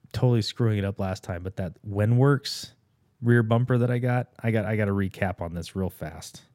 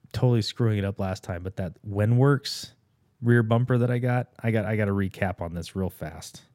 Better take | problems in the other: neither | none

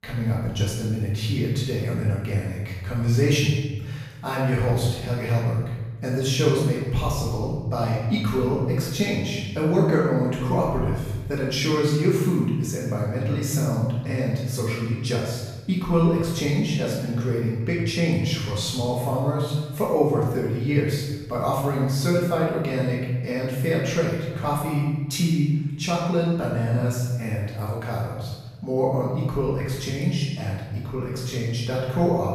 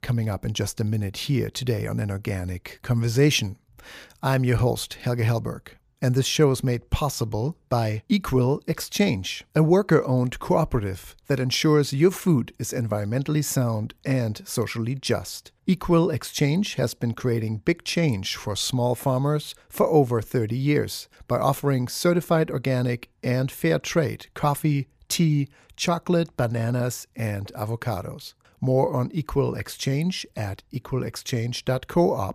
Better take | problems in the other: second | off-mic speech; far // room echo; noticeable; dies away in 1.1 s

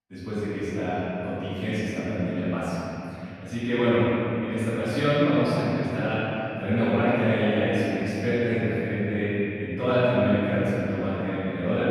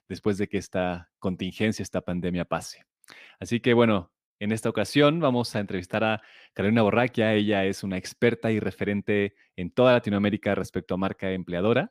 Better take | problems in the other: second | room echo; strong; dies away in 3 s // off-mic speech; far

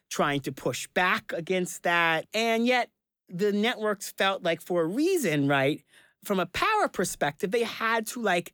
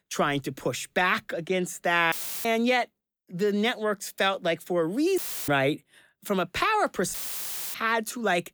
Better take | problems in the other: first | audio cutting out; filled with static; at 2 s, at 5 s and at 7 s for 0.5 s

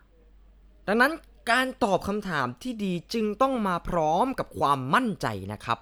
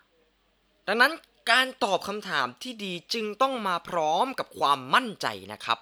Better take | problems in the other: first | thin; very slightly; fading below 1 kHz

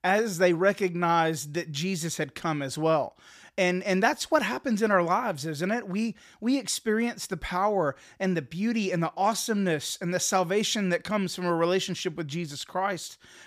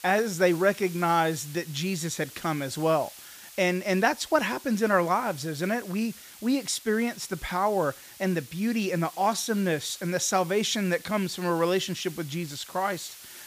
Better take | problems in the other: first | hiss; noticeable; throughout; 15 dB below the speech

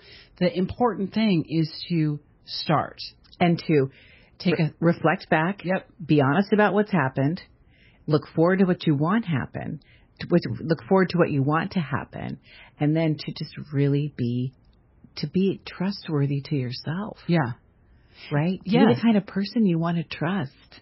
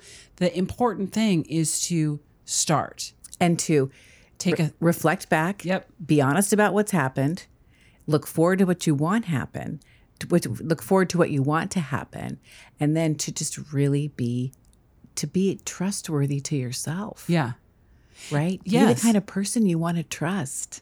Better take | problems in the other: second | garbled, watery; badly; nothing above 5.5 kHz

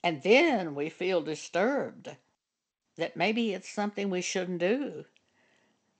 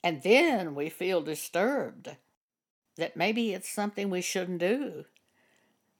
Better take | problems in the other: second | garbled, watery; slightly; nothing above 8 kHz

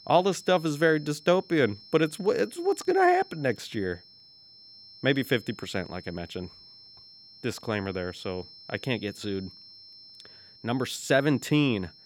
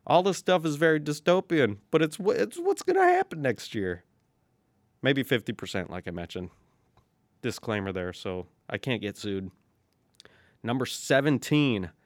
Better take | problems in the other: second | high-pitched whine; faint; throughout; 5.5 kHz, 20 dB below the speech

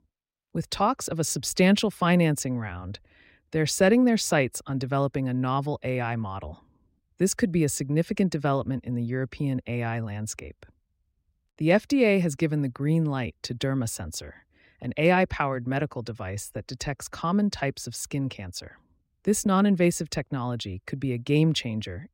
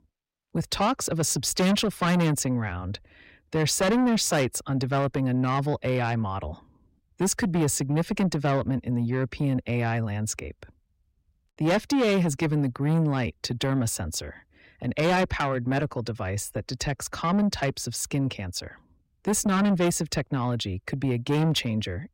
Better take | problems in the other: first | distortion; heavy; 8 dB below the speech

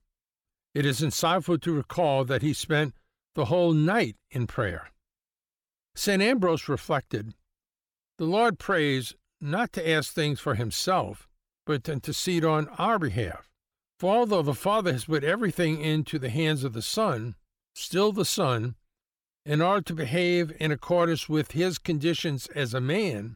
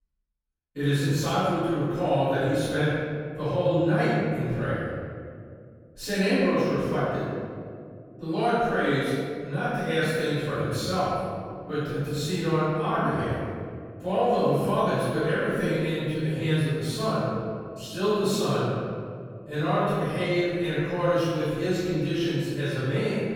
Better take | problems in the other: first | off-mic speech; far // room echo; strong; dies away in 2.1 s

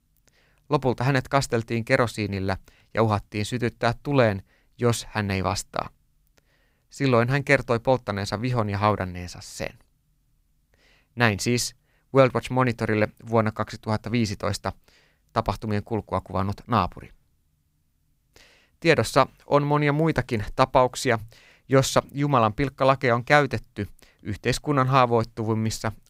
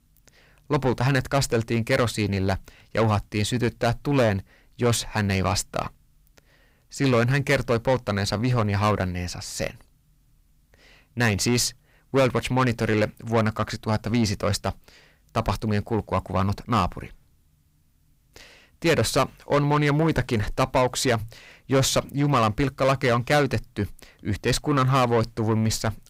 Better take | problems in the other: first | distortion; heavy; 7 dB below the speech

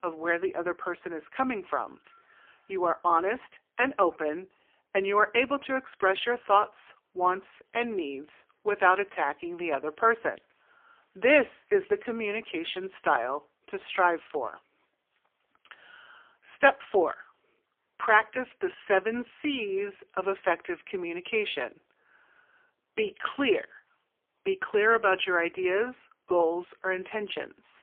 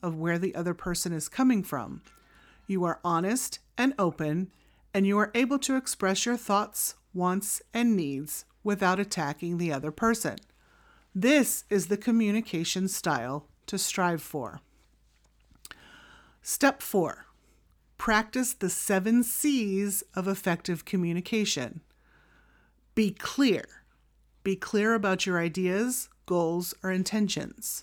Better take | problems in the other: second | phone-call audio; poor line

